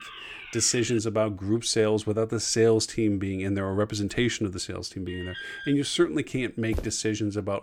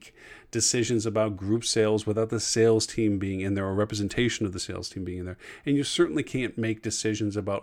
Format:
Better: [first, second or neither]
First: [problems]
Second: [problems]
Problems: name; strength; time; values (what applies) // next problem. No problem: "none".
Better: second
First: alarm; faint; at the start and at 5 s; peak 10 dB below the speech // footsteps; faint; at 6.5 s; peak 10 dB below the speech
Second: none